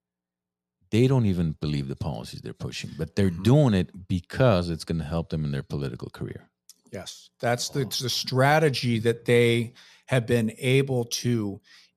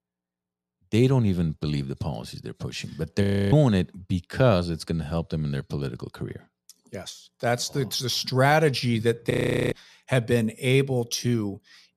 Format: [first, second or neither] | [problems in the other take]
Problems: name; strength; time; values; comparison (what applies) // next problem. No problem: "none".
first | audio freezing; at 3 s and at 9.5 s